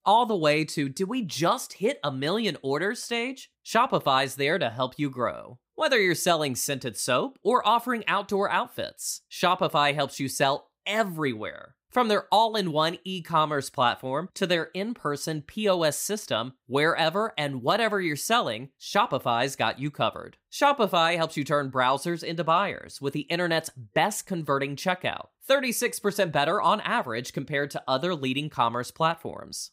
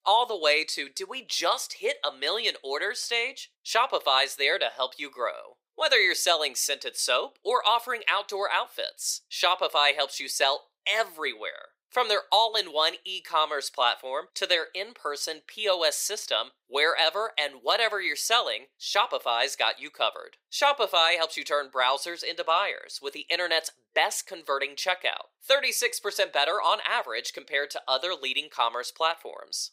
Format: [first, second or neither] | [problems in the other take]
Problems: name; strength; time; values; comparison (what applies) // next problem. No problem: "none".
first | thin; very; fading below 450 Hz